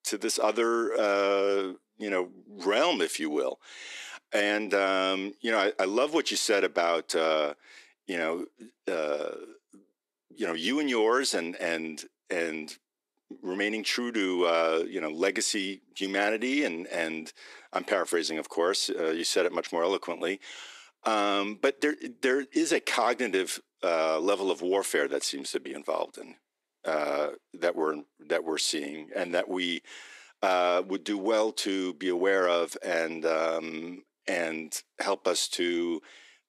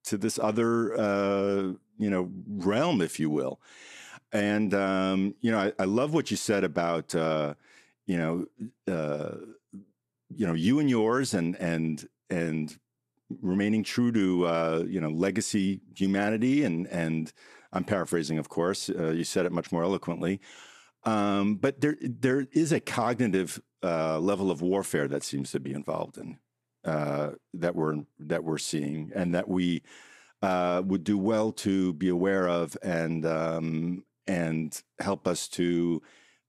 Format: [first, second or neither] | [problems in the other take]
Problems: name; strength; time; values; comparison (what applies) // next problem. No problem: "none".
second | thin; somewhat; fading below 350 Hz